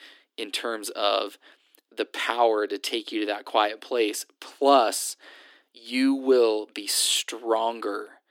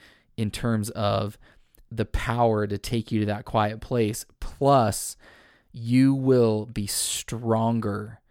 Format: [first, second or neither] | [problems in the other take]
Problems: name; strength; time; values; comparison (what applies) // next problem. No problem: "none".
second | thin; somewhat; fading below 300 Hz